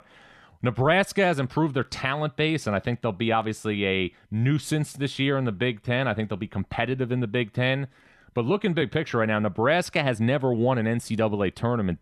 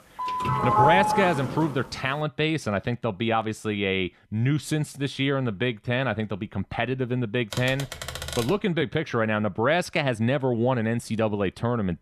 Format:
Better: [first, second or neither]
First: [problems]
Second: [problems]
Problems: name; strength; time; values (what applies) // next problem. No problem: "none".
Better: first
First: none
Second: doorbell; loud; until 1.5 s; peak 5 dB above the speech // keyboard typing; noticeable; from 7.5 to 8.5 s; peak 6 dB below the speech